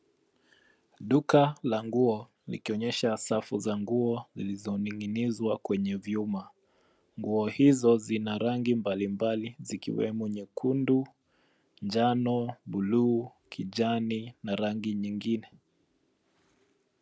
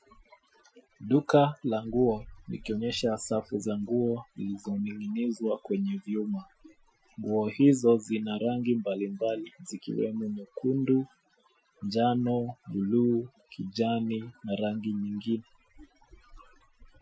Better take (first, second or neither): first